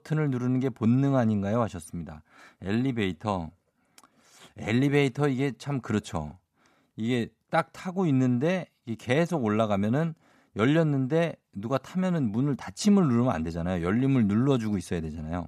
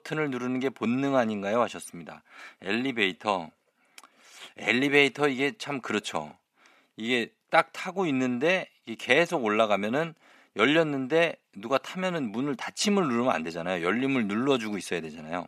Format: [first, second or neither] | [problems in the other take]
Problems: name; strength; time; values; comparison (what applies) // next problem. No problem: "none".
first | thin; somewhat; fading below 350 Hz